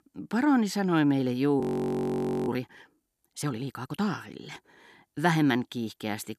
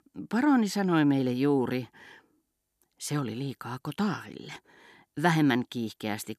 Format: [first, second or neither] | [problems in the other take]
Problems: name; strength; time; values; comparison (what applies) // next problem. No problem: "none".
second | audio freezing; at 1.5 s for 1 s